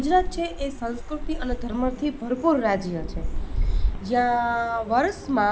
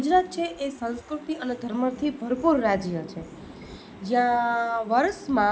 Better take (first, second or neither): second